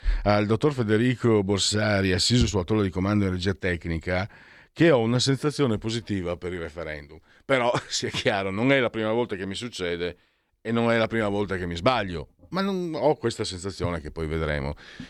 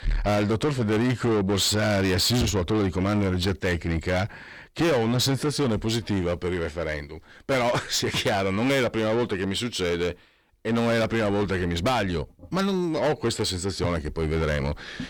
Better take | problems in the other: first | distortion; heavy; 7 dB below the speech

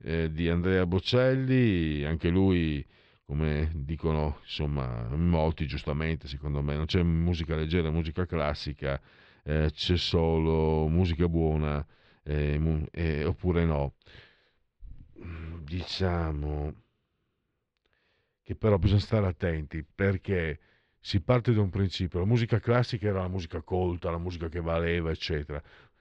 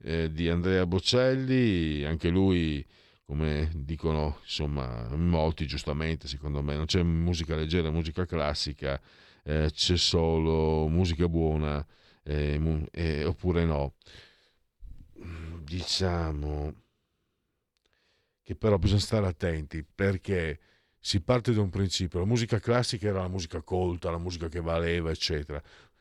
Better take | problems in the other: second | muffled; slightly; fading above 2.5 kHz

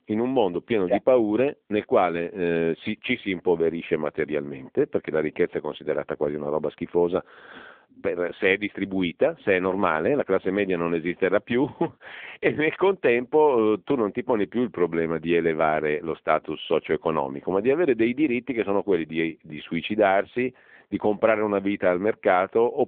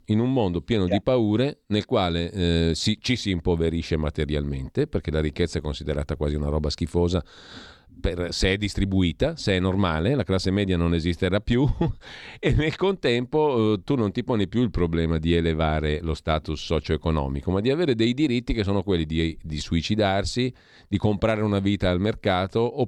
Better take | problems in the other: second | phone-call audio; nothing above 3.5 kHz

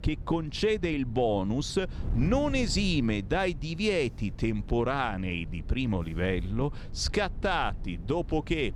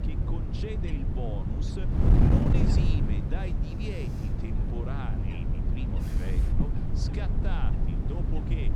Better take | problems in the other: first | wind noise on the microphone; heavy; 3 dB above the speech; occasional gusts in the first

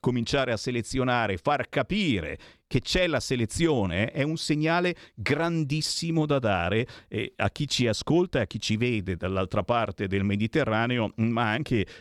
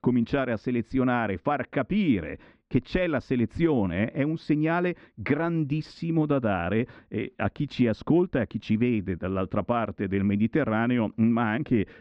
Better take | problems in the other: first | muffled; very; fading above 2 kHz

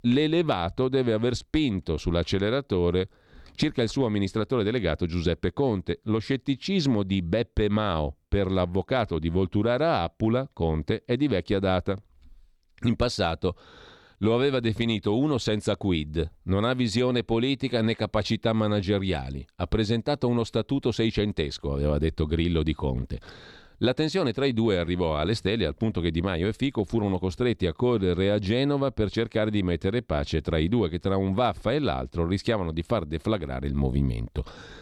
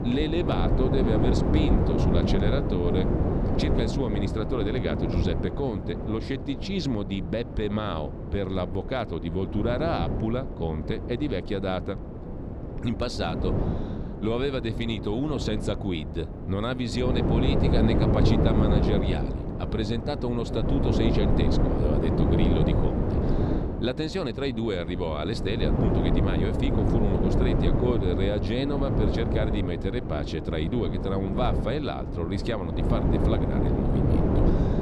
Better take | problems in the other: first | wind noise on the microphone; heavy; 1 dB below the speech

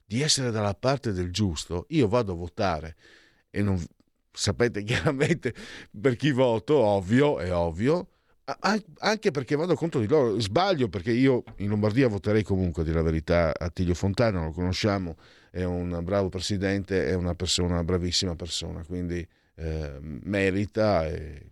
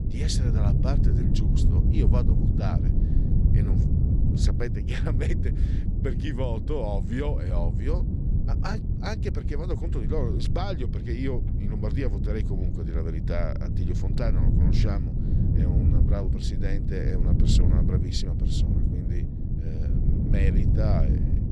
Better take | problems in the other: first | wind noise on the microphone; heavy; 2 dB below the speech

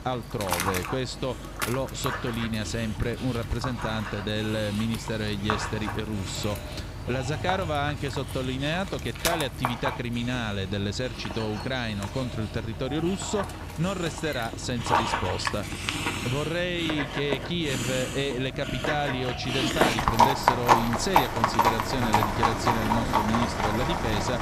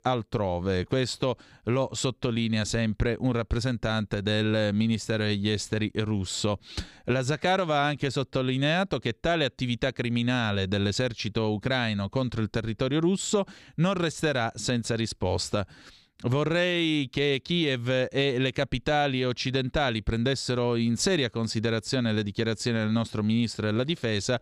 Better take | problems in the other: second | animal sounds; very loud; throughout; 1 dB above the speech

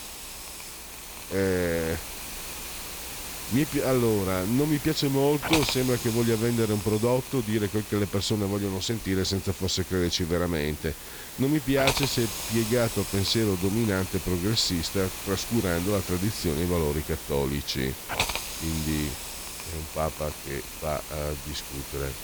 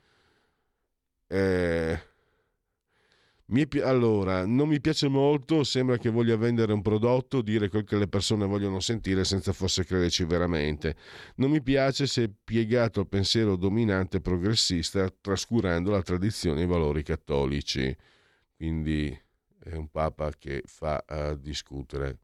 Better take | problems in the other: second | hiss; loud; throughout; 6 dB below the speech

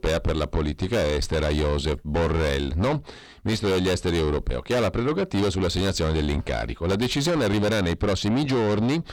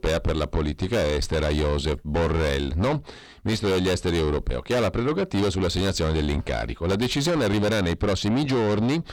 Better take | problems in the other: neither | distortion; heavy; 6 dB below the speech; the same in both

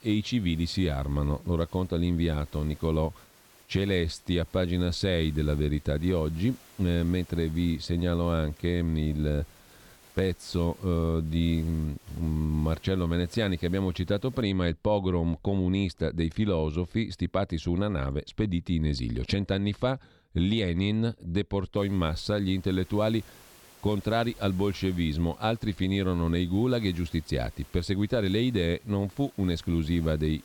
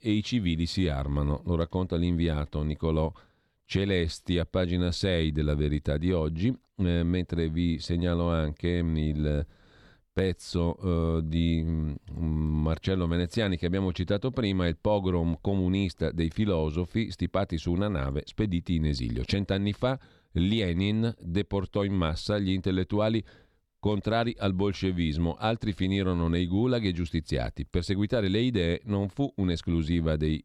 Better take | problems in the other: second | hiss; faint; until 14 s and from 22 s on; 25 dB below the speech

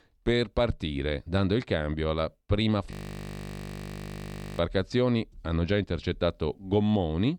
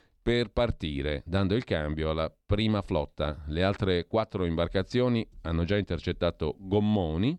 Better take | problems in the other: second | audio freezing; at 3 s for 1.5 s

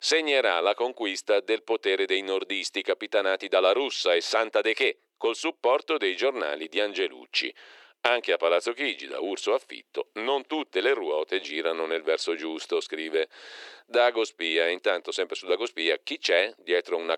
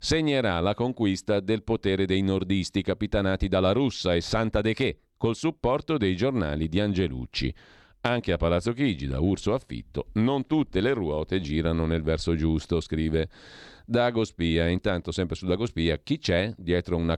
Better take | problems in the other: second | thin; very; fading below 350 Hz

